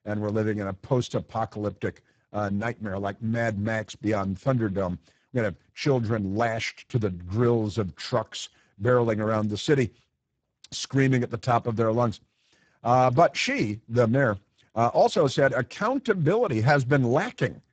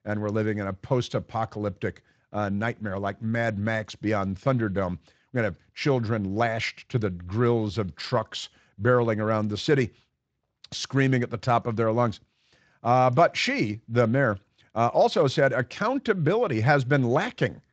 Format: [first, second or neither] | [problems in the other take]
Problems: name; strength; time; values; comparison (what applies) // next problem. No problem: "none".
second | garbled, watery; badly; nothing above 7.5 kHz; slightly in the second